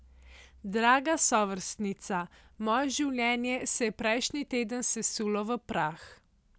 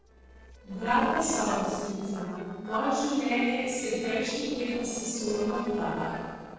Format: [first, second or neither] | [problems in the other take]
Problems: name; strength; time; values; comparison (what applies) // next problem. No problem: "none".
first | noise reduction (neural separator model SepFormer DNS4)